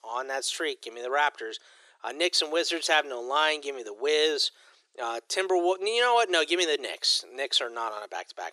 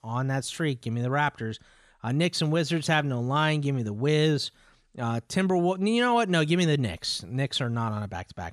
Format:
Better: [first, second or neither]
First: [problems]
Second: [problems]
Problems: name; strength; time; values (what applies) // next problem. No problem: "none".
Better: second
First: thin; very; fading below 350 Hz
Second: none